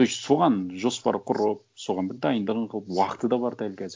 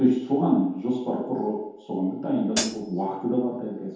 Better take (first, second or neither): first